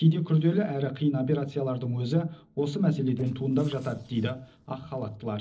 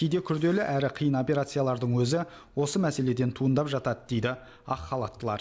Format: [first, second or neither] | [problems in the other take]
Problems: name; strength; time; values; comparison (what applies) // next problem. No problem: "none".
second | noise reduction (neural separator model SepFormer DNS4)